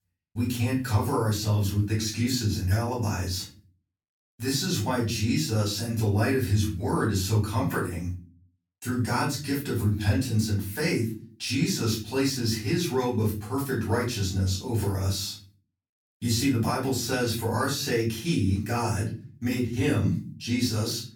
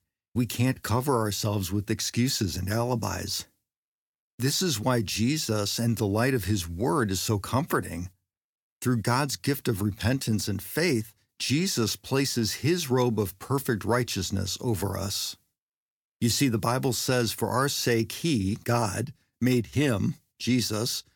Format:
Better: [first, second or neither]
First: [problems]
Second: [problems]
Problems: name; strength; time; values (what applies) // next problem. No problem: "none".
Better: second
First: off-mic speech; far // room echo; slight; dies away in 0.3 s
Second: none